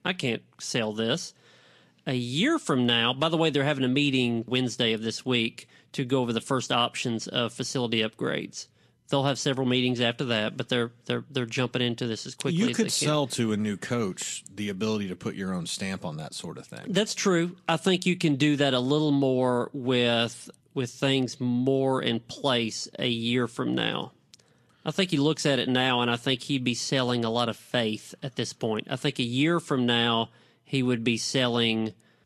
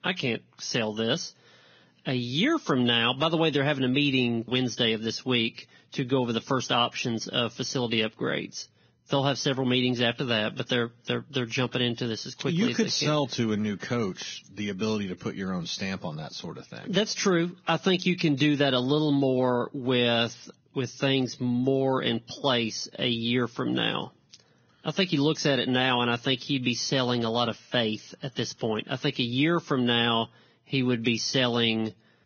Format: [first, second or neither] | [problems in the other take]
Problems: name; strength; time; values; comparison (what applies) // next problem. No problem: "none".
first | garbled, watery; badly; nothing above 6.5 kHz; slightly in the first